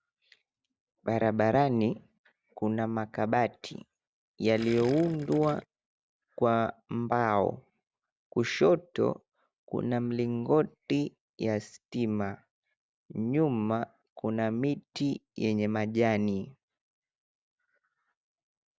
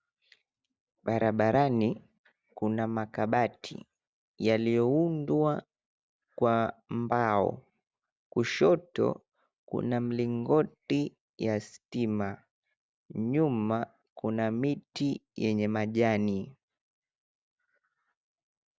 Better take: second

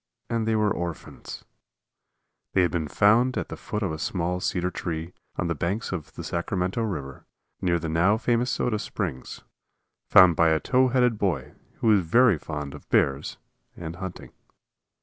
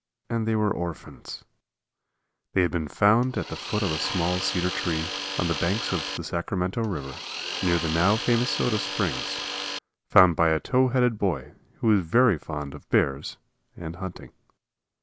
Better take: first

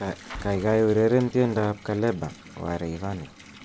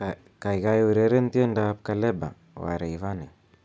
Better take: second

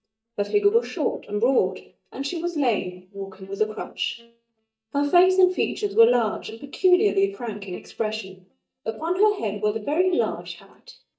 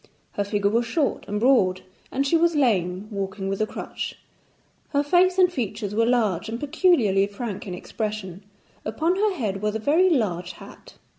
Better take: second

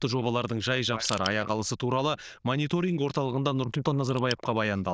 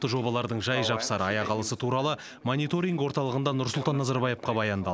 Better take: second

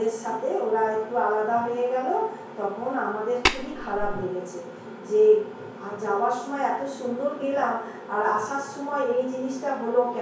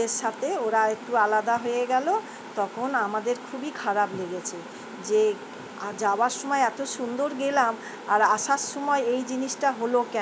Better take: second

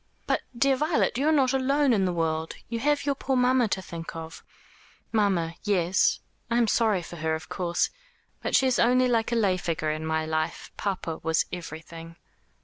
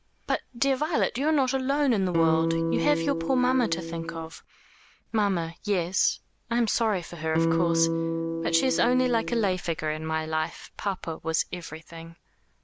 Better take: first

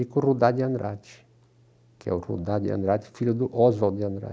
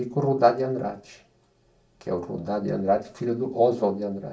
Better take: first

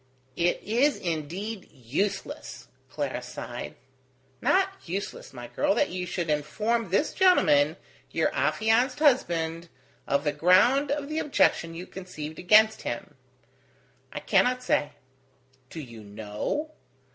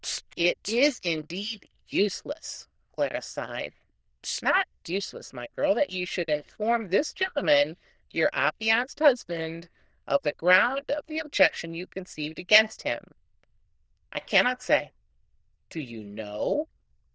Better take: first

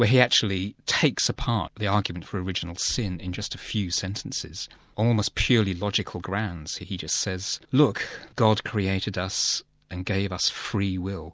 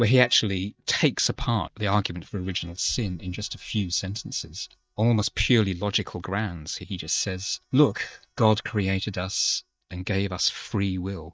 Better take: first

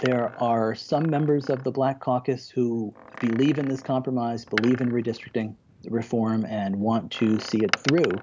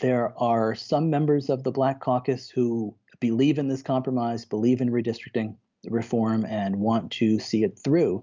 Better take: second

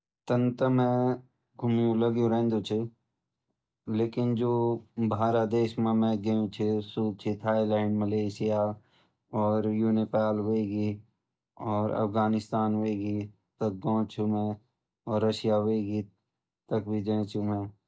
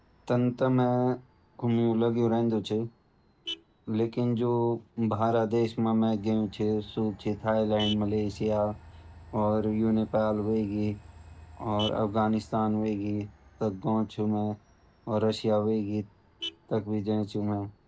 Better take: first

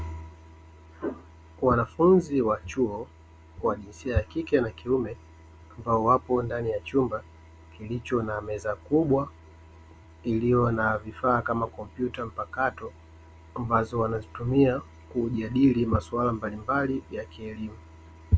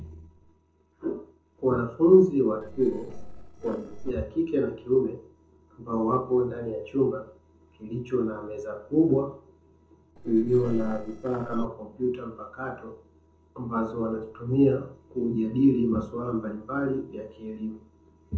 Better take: first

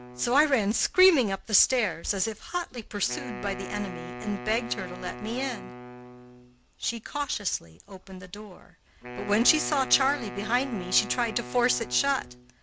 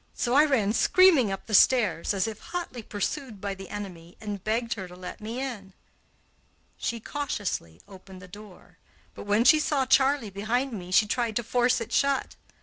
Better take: second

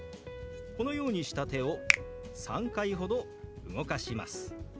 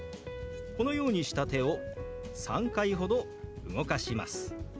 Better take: second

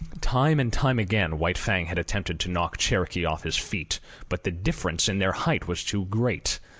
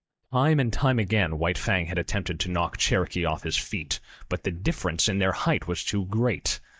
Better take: first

